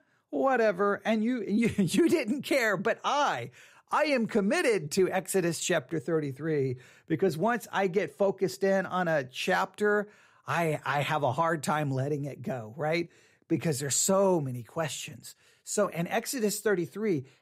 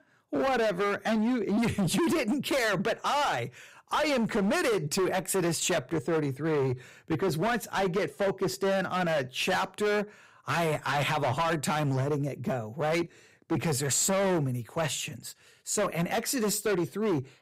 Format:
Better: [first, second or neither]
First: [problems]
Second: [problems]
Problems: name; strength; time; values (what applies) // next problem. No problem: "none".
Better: first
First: none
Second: distortion; heavy; 21% of the sound clipped